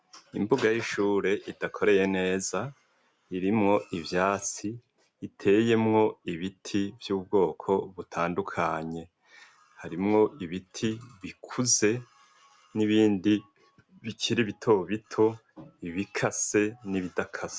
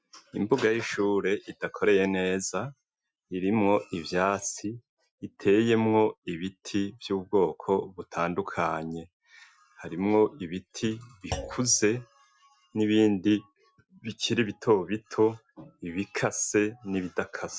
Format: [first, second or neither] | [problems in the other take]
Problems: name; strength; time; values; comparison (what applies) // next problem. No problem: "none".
first | noise reduction (classical method Wiener filter)